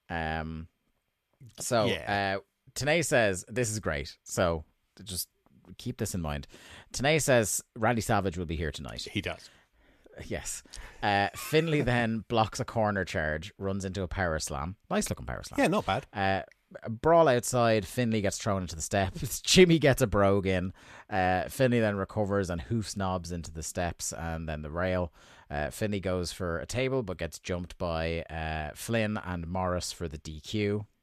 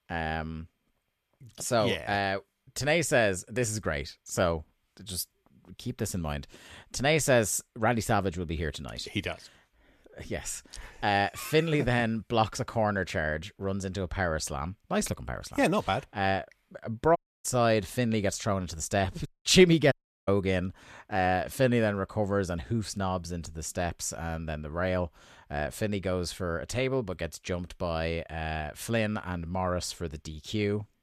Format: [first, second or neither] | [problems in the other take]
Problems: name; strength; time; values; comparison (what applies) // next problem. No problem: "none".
first | audio cutting out; at 17 s, at 19 s and at 20 s